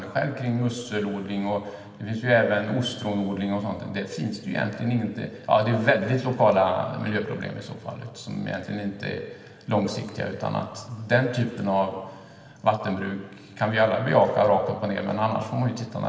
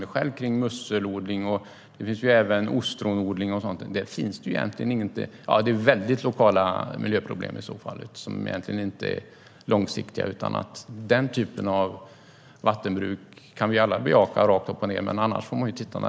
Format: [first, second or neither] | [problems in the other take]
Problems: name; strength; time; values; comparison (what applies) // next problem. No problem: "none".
second | room echo; dies away in 2.1 s